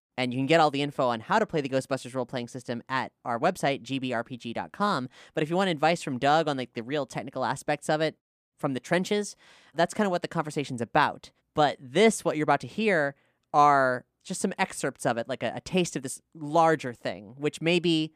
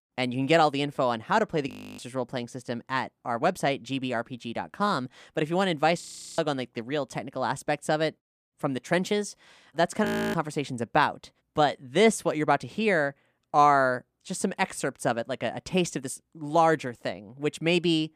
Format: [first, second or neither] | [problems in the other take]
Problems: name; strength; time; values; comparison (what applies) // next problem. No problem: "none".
first | audio freezing; at 1.5 s, at 6 s and at 10 s